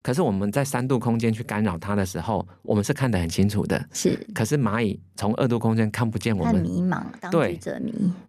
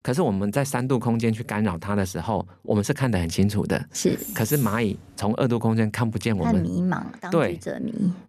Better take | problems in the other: first | jangling keys; noticeable; at 4 s; peak 6 dB below the speech

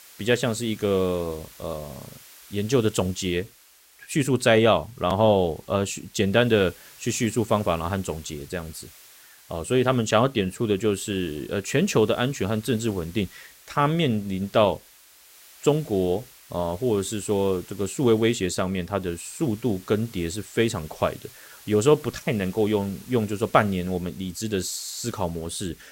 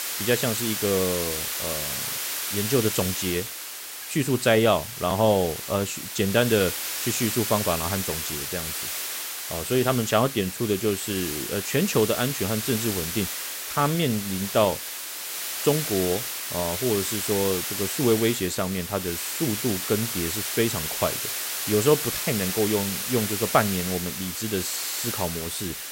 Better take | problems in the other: first | hiss; loud; throughout; 3 dB below the speech; faint in the first

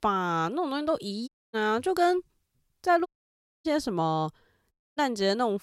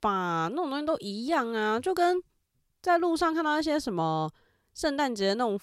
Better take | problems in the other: second | audio cutting out; at 1.5 s, at 3 s for 0.5 s and at 4.5 s

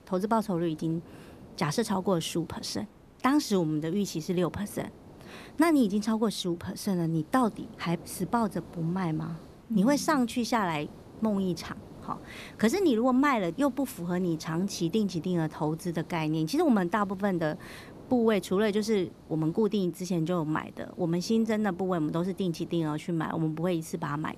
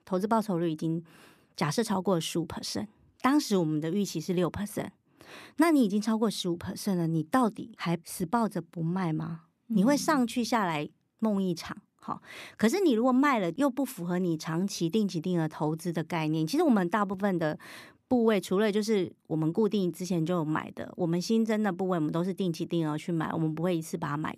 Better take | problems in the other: second | hiss; faint; throughout; 20 dB below the speech

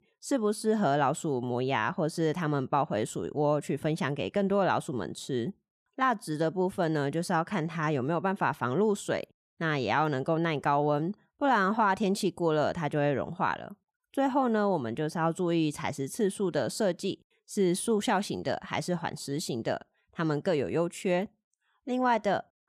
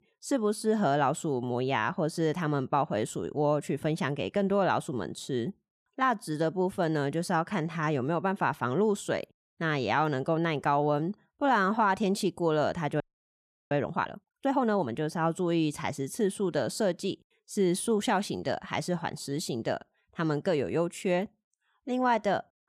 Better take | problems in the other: first | audio freezing; at 13 s for 0.5 s

